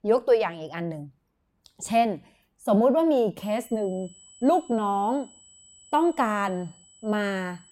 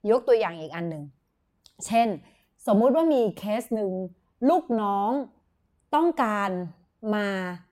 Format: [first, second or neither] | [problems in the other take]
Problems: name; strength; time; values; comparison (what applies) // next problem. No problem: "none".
second | high-pitched whine; faint; from 3.5 s on; 8 kHz, 25 dB below the speech